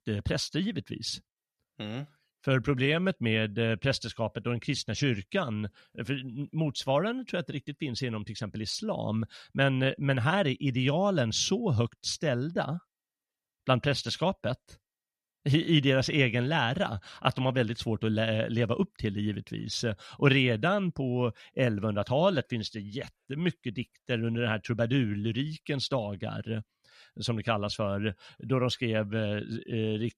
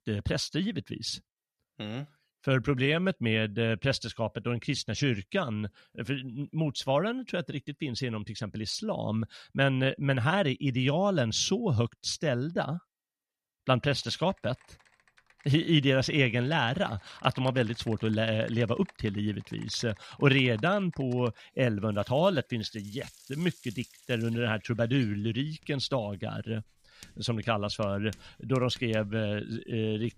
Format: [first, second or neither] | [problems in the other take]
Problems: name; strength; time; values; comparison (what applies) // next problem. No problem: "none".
first | household noises; faint; from 14 s on; 25 dB below the speech